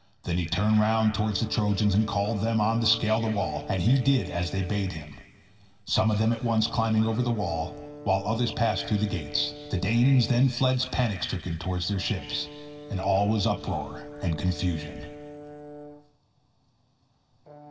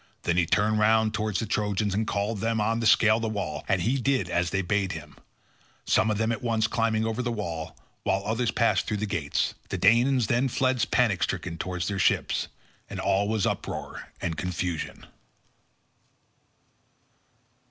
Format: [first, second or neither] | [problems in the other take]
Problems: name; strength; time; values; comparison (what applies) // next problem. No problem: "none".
second | background sound (Brass instrument); 17 dB below the speech // room echo; dies away in 2 s